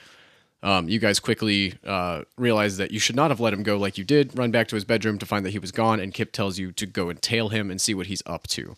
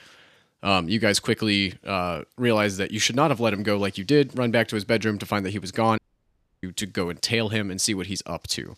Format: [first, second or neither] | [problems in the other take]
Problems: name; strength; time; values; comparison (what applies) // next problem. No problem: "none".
first | audio cutting out; at 6 s for 0.5 s